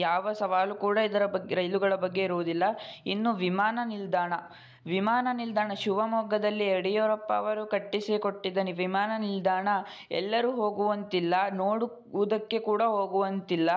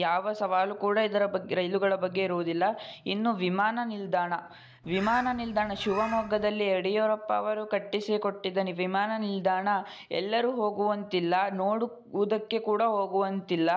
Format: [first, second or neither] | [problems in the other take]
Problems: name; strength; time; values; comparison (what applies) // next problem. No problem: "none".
first | background sound (Bird); 13 dB below the speech